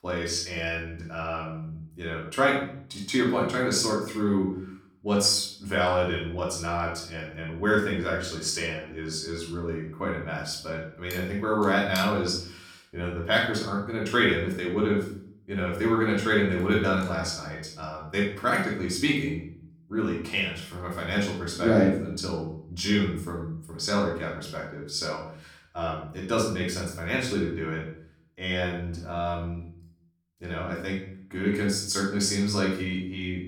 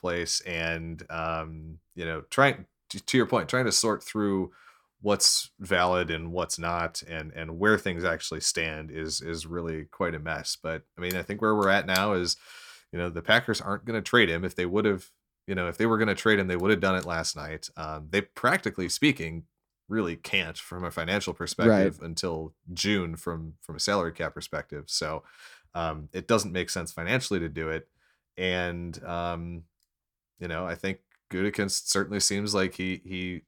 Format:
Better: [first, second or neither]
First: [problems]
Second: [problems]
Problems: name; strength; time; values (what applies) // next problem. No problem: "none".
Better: second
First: off-mic speech; far // room echo; noticeable; dies away in 0.5 s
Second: none